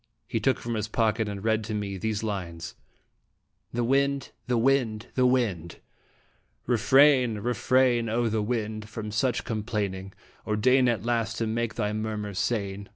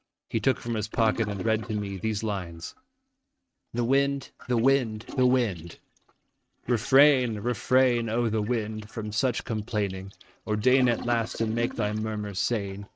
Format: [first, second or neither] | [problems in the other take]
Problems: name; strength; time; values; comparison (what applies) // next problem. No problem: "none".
first | noise reduction (neural mask model RNNoise)